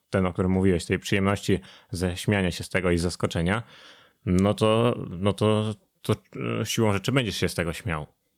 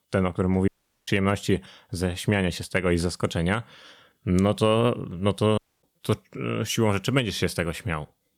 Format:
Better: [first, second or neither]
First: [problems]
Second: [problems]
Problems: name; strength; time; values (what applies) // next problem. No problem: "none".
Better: first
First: none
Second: audio cutting out; at 0.5 s and at 5.5 s